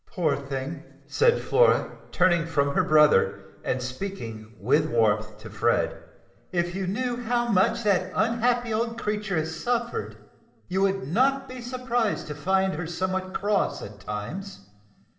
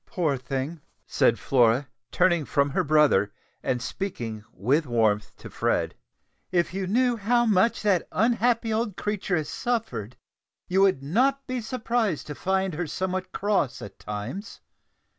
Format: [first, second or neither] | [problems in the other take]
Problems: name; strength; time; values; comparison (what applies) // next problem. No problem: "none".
second | room echo; dies away in 1.7 s